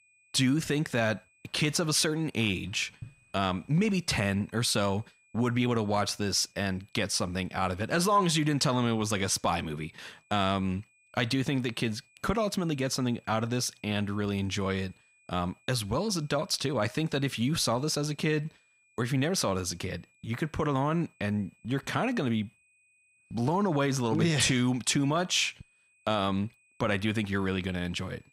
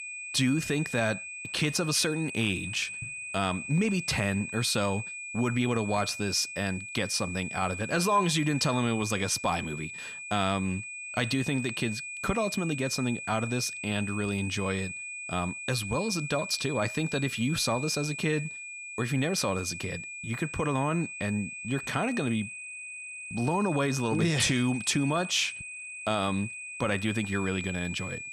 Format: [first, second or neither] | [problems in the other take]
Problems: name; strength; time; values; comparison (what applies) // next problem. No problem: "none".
first | high-pitched whine; loud; throughout; 2.5 kHz, 8 dB below the speech; faint in the first